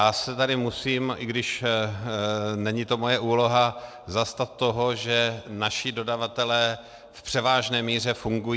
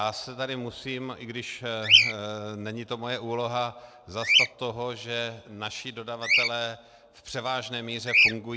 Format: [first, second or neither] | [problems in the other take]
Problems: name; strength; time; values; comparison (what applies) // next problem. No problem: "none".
first | background sound (Bird vocalization, bird call, bird song); 4 dB above the speech